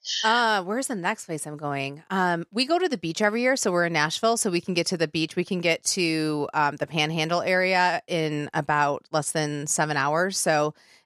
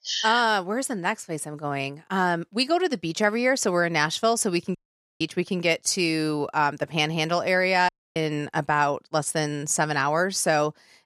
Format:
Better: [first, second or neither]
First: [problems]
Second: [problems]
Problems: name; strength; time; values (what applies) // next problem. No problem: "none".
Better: first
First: none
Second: audio cutting out; at 5 s and at 8 s